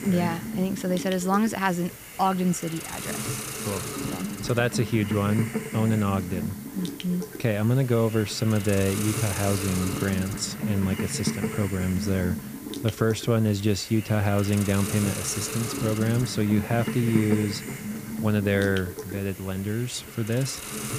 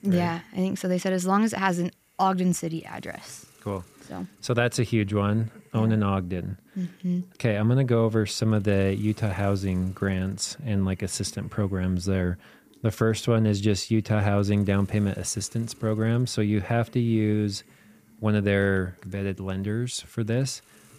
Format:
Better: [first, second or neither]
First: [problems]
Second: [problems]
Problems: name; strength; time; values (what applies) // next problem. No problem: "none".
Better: second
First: hiss; loud; throughout; 7 dB below the speech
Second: hiss; faint; throughout; 30 dB below the speech